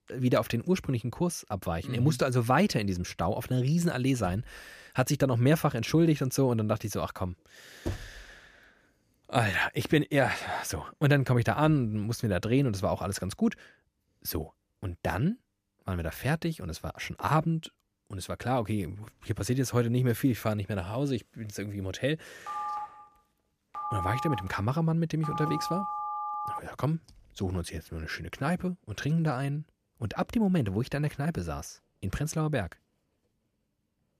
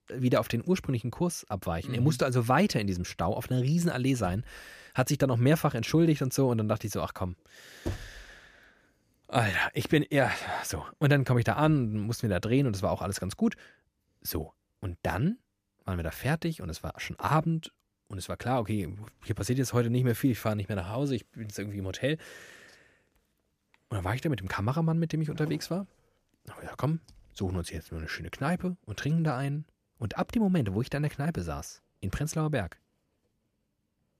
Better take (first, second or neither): second